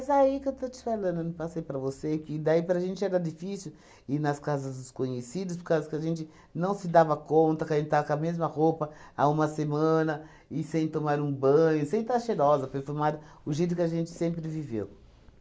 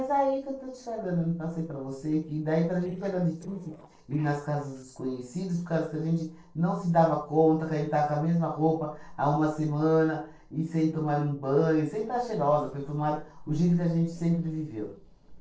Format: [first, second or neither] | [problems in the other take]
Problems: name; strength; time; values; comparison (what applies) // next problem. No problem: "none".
first | noise reduction (neural separator model SepFormer DNS4)